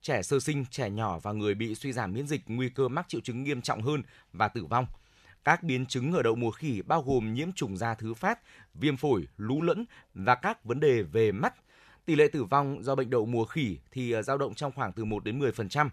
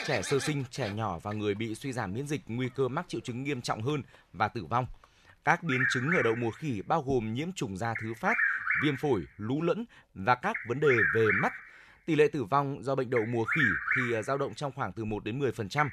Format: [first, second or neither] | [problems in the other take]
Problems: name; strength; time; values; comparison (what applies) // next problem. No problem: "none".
first | animal sounds; very loud; throughout; as loud as the speech